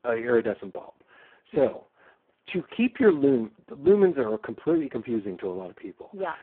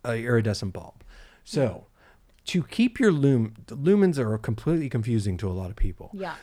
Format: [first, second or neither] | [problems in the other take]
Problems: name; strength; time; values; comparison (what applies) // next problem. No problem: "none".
second | phone-call audio; poor line